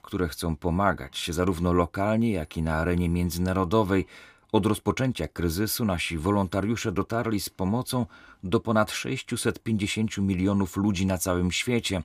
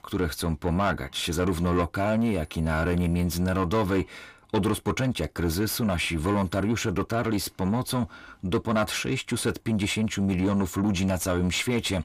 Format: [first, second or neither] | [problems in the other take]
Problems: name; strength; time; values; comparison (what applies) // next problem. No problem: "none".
first | distortion; slight; 10 dB below the speech